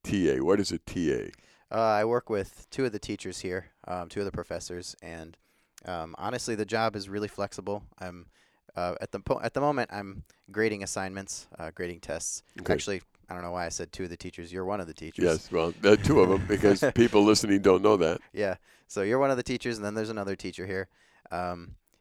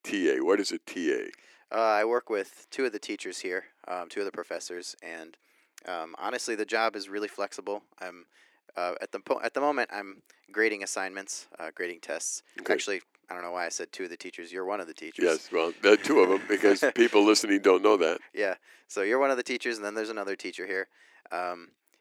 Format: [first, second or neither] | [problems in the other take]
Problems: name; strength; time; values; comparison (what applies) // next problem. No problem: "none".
first | thin; very slightly; fading below 300 Hz